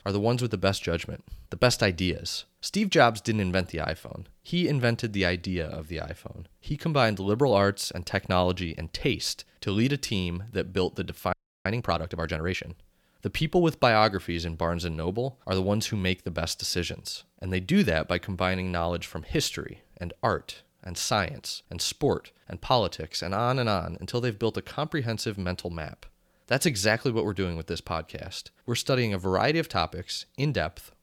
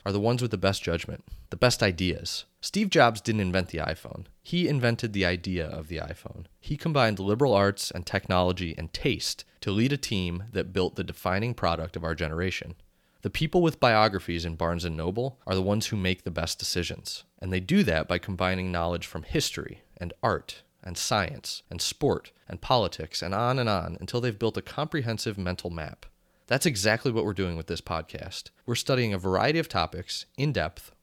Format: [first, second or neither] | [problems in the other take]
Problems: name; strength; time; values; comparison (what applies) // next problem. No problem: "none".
second | audio freezing; at 11 s